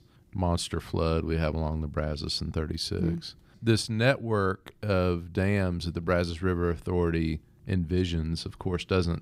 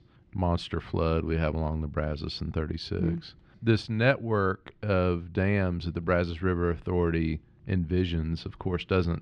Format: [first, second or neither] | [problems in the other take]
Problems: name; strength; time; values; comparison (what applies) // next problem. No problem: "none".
first | muffled; very slightly; fading above 2.5 kHz